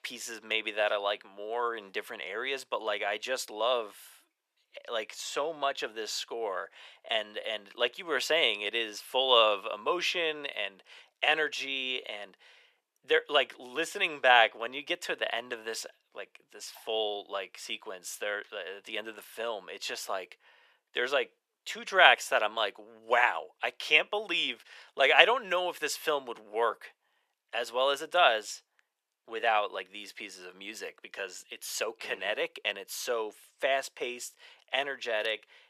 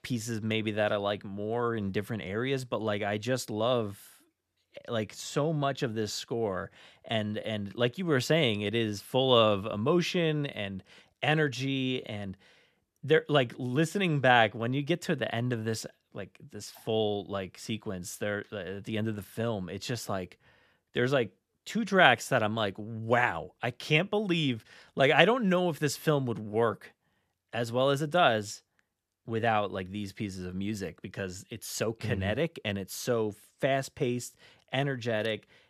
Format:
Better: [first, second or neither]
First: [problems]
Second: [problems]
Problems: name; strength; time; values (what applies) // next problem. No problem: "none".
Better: second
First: thin; very; fading below 500 Hz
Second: none